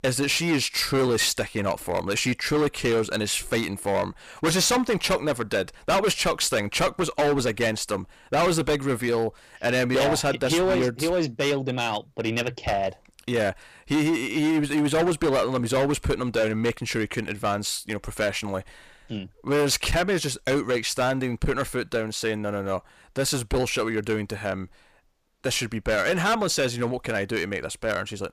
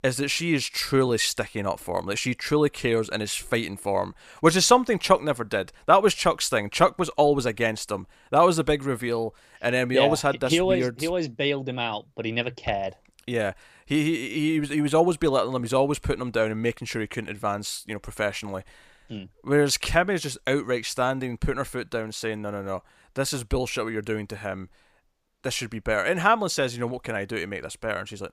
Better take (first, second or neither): second